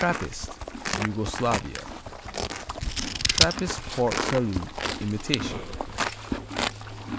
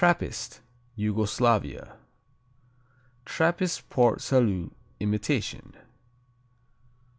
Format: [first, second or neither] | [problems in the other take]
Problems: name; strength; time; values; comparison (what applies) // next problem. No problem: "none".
second | background sound (Scissors + Livestock, farm animals, working animals); 1 dB above the speech